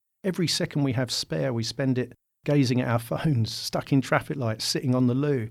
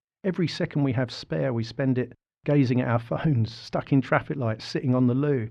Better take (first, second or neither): first